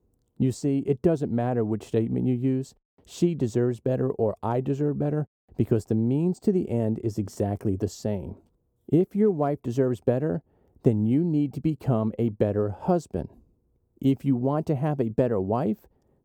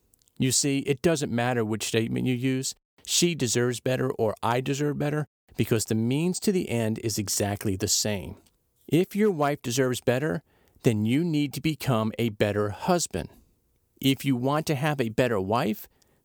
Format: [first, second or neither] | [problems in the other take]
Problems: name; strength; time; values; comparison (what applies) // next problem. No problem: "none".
second | muffled; very; fading above 1.5 kHz